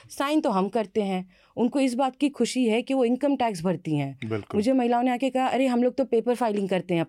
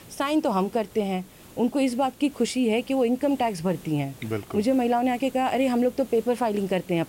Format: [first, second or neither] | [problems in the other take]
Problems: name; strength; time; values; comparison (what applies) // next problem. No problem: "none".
first | hiss; faint; throughout; 20 dB below the speech